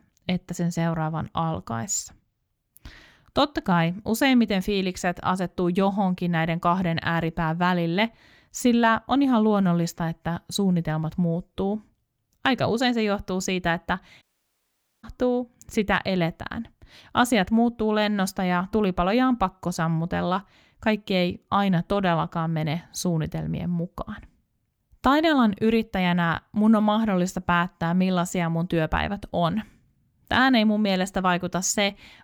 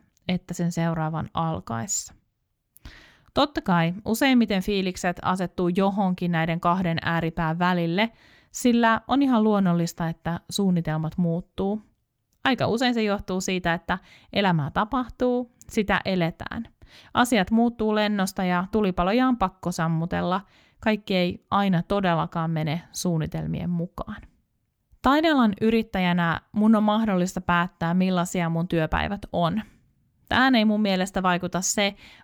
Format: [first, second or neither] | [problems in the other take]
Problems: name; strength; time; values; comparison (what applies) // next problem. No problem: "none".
second | audio cutting out; at 14 s for 1 s